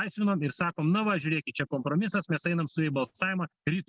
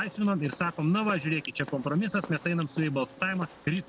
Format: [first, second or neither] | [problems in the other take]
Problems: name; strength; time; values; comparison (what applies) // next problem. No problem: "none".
first | background sound (Walk, footsteps); 17 dB below the speech